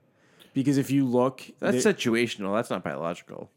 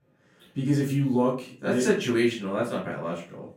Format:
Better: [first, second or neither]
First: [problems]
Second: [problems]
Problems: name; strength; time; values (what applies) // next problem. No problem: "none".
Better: first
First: none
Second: off-mic speech; far // room echo; slight; dies away in 0.3 s